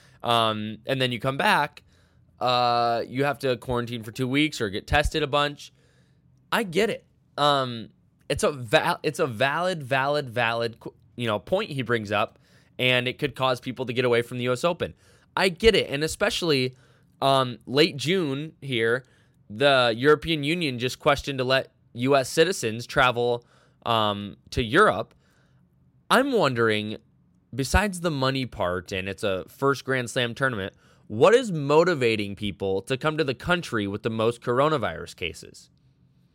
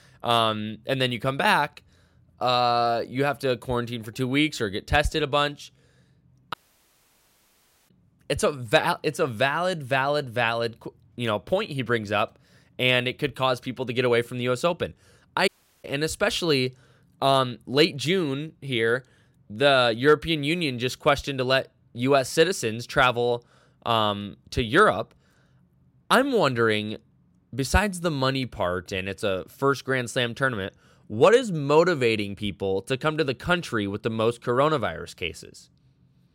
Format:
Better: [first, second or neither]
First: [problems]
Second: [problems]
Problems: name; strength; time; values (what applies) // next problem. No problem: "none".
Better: first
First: none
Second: audio cutting out; at 6.5 s for 1.5 s and at 15 s